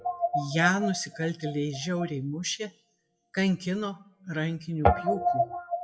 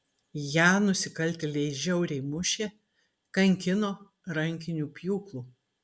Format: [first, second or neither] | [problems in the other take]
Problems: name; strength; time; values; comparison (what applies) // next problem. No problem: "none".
second | noise reduction (classical method WPE with log-MMSE)